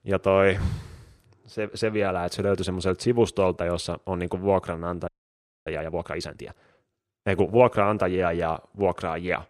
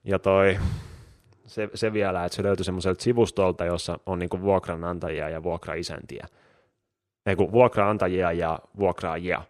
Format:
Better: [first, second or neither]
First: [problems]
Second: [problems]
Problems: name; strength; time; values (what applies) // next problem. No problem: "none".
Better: second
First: audio freezing; at 5 s for 0.5 s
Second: none